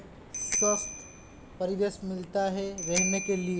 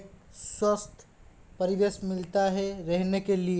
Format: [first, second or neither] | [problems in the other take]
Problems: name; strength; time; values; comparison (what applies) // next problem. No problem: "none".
second | background sound (Bicycle bell); 3 dB below the speech